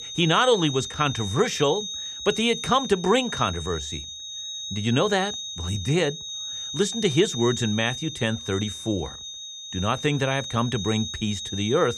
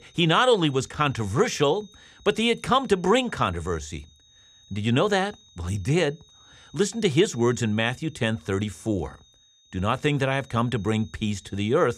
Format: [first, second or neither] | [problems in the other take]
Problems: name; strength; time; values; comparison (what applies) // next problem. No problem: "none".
second | high-pitched whine; loud; throughout; 3.5 kHz, 7 dB below the speech; faint in the second